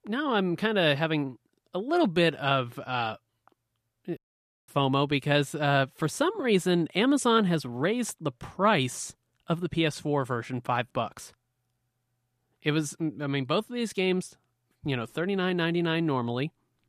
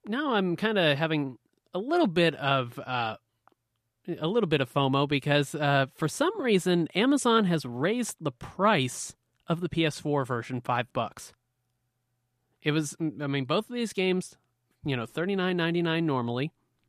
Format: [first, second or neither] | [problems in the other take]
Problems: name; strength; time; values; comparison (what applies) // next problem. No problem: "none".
second | audio cutting out; at 4 s for 0.5 s